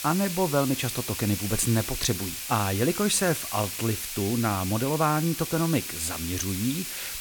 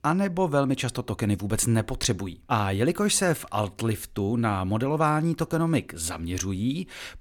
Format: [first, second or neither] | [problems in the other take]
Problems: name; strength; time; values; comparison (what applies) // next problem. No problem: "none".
second | hiss; loud; throughout; 5 dB below the speech